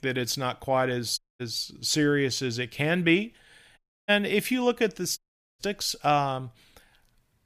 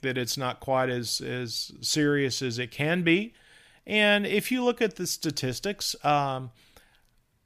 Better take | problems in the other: second | audio cutting out; at 1 s, at 4 s and at 5 s

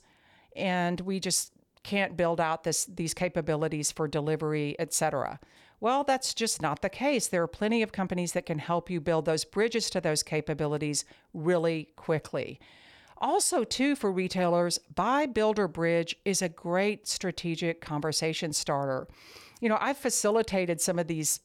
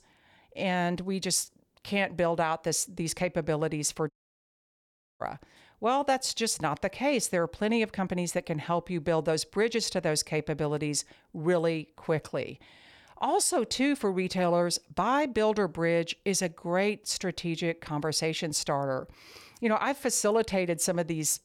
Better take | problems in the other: first | audio cutting out; at 4 s for 1 s

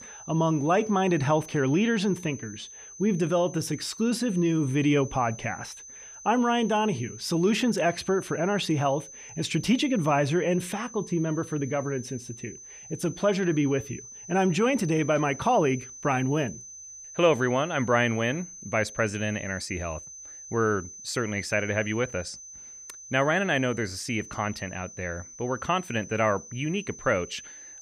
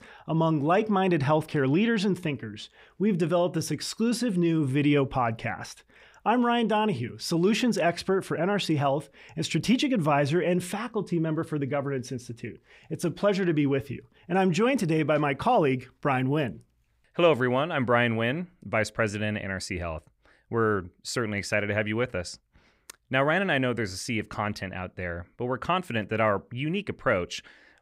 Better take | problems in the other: second | high-pitched whine; noticeable; throughout; 6 kHz, 15 dB below the speech

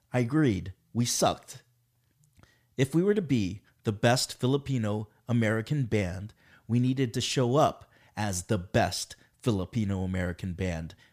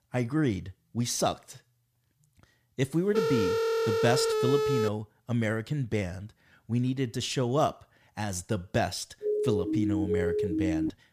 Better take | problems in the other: first | phone ringing; loud; from 3 to 5 s; peak 3 dB above the speech // siren; loud; from 9 s on; peak 2 dB above the speech

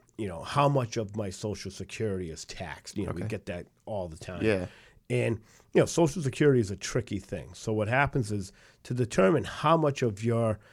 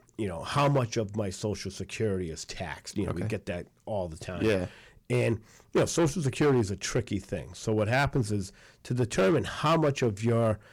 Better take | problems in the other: first | distortion; slight; 5% of the sound clipped

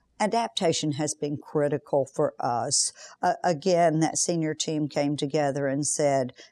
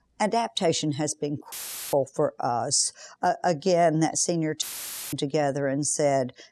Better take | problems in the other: first | audio cutting out; filled with static; at 1.5 s and at 4.5 s for 0.5 s

